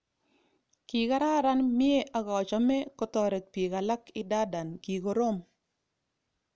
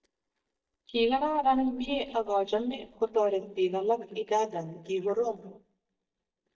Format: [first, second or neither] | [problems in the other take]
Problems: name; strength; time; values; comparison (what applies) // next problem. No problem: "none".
first | noise reduction (neural mask model DeepFilterNet 3)